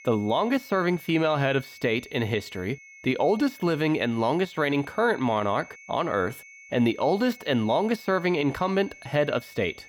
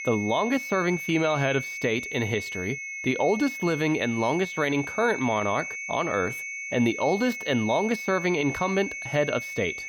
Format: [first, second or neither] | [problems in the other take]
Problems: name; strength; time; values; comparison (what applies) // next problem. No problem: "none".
first | high-pitched whine; loud; throughout; 2 kHz, 7 dB below the speech; faint in the first